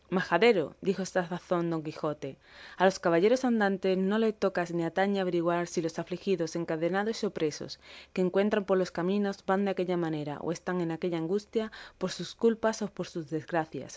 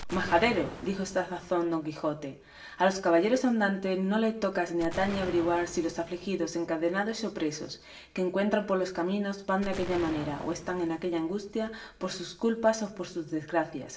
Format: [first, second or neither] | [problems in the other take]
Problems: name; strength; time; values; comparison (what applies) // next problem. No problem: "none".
first | background sound (Explosion); 16 dB below the speech // room echo; dies away in 0.6 s